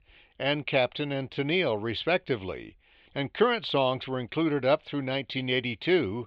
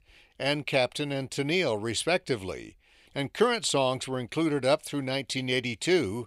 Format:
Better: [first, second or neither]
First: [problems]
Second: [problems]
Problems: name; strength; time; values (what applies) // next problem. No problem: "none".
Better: second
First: muffled; slightly; fading above 3.5 kHz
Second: none